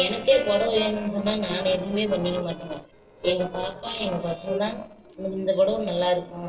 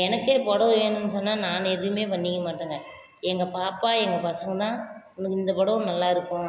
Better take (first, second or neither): second